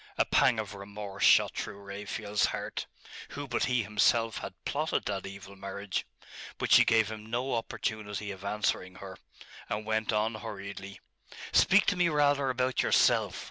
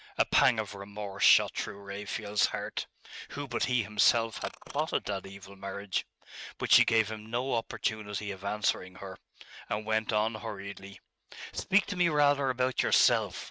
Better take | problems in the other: first | noise reduction (neural mask model RNNoise)

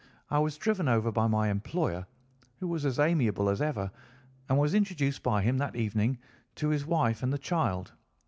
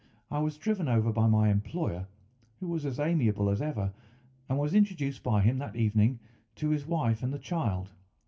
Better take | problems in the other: first | room echo; dies away in 0.2 s

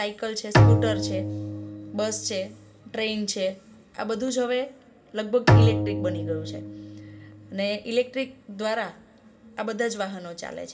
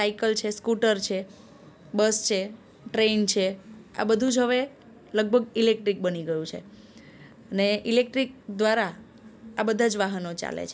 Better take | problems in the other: second | background sound (Bowed string instrument); 4 dB above the speech // room echo; dies away in 0.4 s

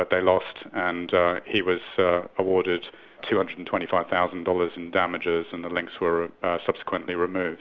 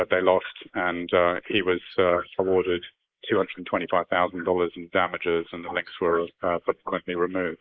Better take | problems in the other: first | noise reduction (neural mask model Resemble Enhance denoiser)

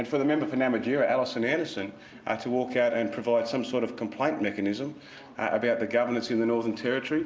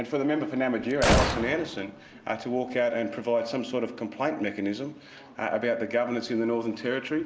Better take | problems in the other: first | background sound (Gunshot, gunfire); 1 dB below the speech

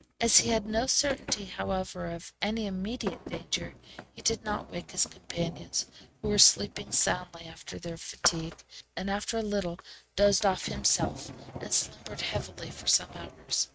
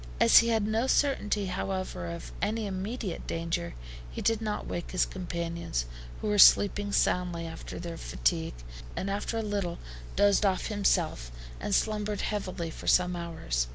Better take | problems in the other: second | noise reduction (neural mask model RNNoise)

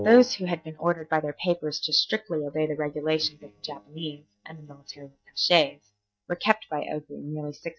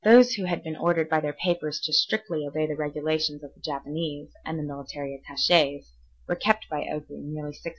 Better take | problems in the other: second | noise reduction (neural mask model DeepFilterNet 3)

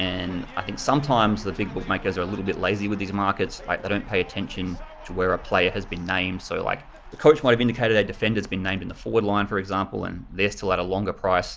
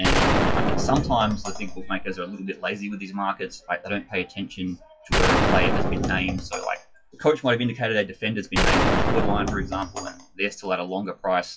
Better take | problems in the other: first | noise reduction (classical method WPE with log-MMSE)

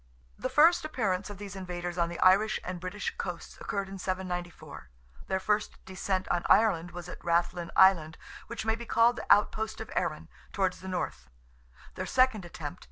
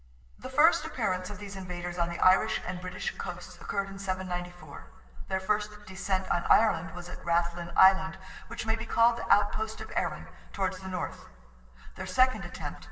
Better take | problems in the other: first | room echo; dies away in 2.4 s

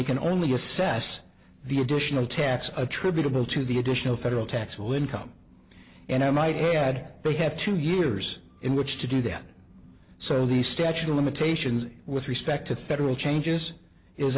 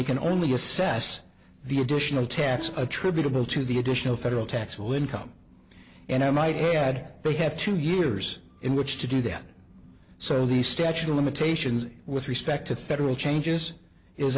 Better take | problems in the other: first | background sound (Plucked string instrument); 16 dB below the speech

